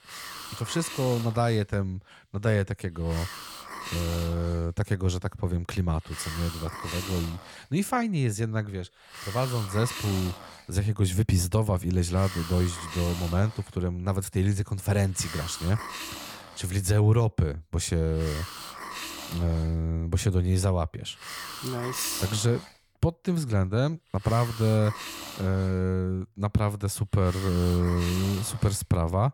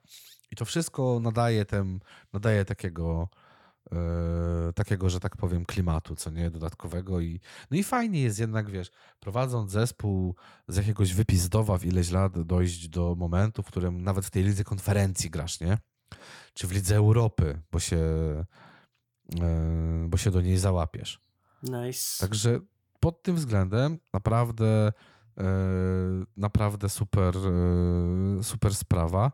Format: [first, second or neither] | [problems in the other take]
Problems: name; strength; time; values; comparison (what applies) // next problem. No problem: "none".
second | hiss; noticeable; throughout; 10 dB below the speech